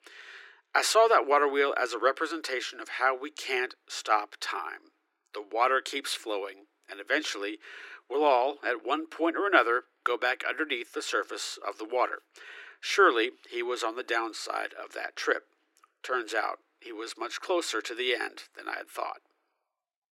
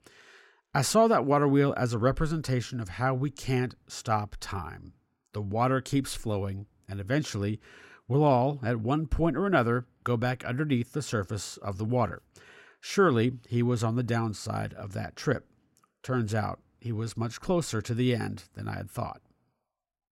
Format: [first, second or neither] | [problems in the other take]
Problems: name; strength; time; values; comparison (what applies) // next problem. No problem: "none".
second | thin; very; fading below 300 Hz